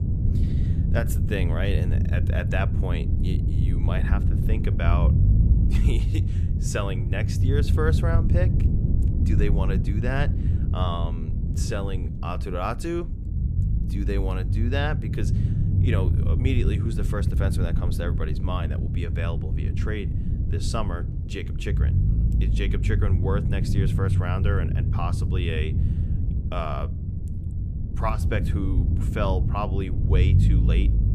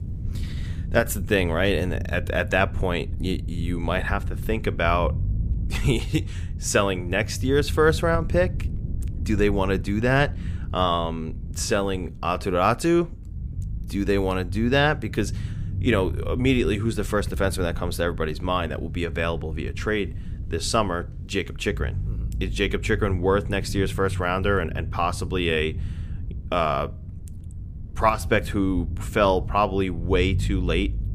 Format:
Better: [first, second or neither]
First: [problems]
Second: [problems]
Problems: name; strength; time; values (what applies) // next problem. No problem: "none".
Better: second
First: low rumble; loud; throughout; 5 dB below the speech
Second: low rumble; faint; throughout; 20 dB below the speech